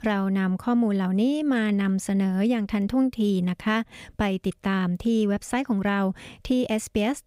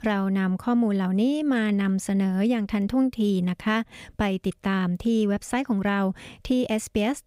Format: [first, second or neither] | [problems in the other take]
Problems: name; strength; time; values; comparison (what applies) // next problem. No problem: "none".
neither | none